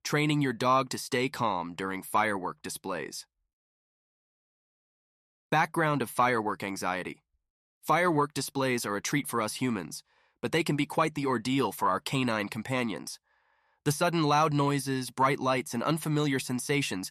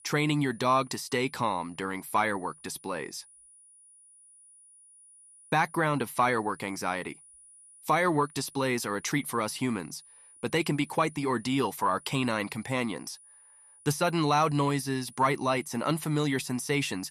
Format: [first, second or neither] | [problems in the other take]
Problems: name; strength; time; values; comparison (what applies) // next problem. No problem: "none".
first | high-pitched whine; faint; throughout; 9.5 kHz, 25 dB below the speech